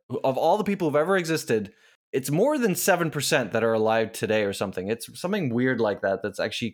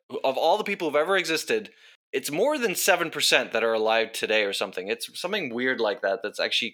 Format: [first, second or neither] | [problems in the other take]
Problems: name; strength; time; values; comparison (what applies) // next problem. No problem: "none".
first | thin; somewhat; fading below 350 Hz